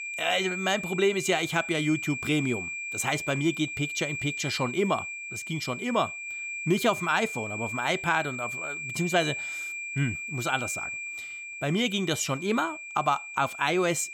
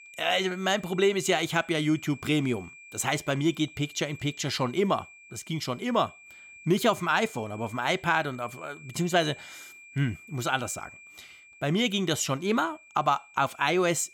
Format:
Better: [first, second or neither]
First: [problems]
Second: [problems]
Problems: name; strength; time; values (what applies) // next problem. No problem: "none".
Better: second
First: high-pitched whine; loud; throughout; 2.5 kHz, 5 dB below the speech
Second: high-pitched whine; faint; throughout; 2.5 kHz, 20 dB below the speech